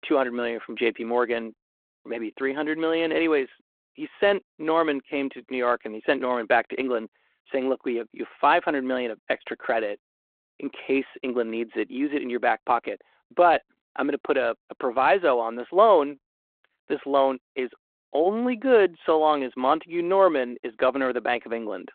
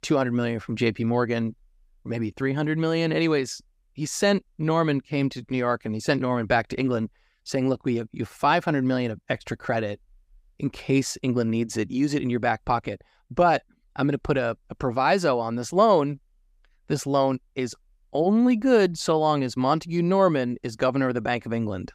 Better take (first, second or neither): second